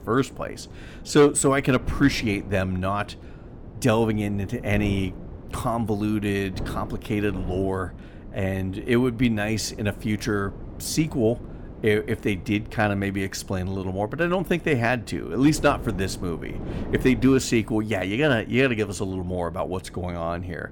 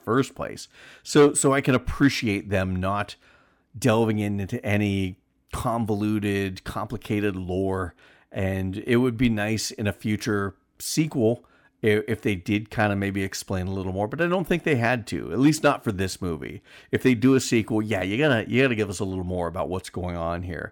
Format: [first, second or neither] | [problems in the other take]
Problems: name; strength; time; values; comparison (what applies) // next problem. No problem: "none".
second | wind noise on the microphone; occasional gusts; 20 dB below the speech